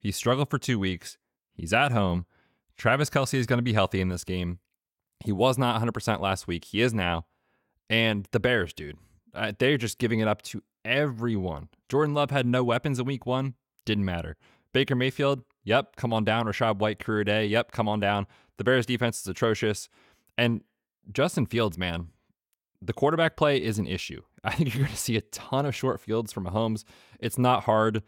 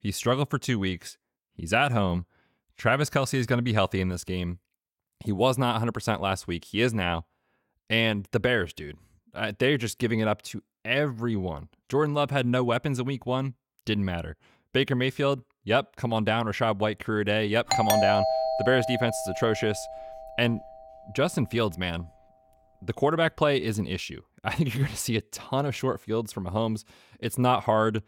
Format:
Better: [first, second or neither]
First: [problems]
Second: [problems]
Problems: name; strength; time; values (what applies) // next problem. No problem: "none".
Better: first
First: none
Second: doorbell; loud; from 18 to 20 s; peak 4 dB above the speech